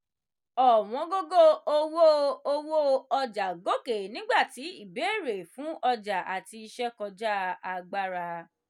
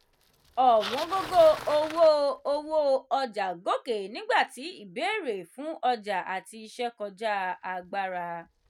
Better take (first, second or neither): first